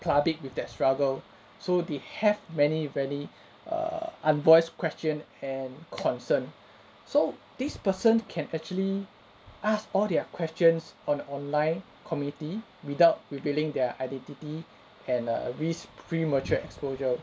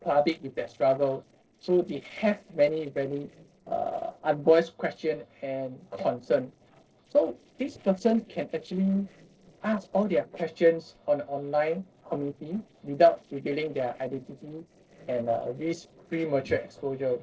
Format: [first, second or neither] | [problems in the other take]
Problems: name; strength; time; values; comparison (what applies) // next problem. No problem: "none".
first | noise reduction (neural separator model SepFormer DNS4)